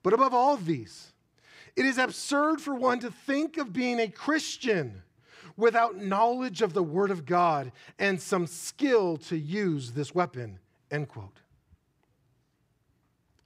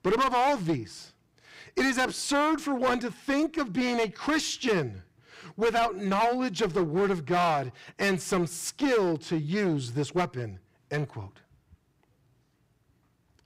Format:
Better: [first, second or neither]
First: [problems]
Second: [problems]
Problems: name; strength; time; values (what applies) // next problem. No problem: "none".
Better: first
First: none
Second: distortion; heavy; 10% of the sound clipped